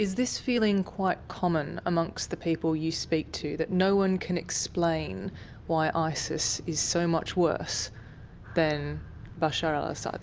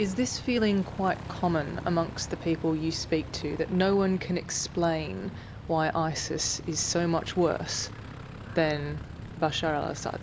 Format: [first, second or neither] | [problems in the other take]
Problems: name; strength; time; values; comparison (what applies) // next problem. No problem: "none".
first | background sound (Aircraft); 13 dB below the speech